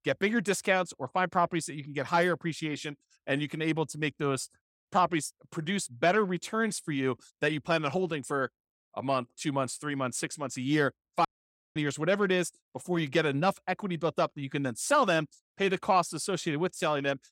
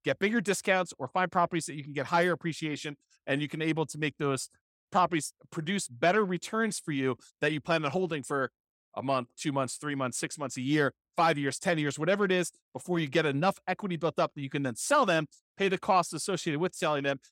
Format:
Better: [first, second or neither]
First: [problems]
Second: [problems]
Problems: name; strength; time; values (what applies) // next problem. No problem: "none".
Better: second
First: audio cutting out; at 11 s for 0.5 s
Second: none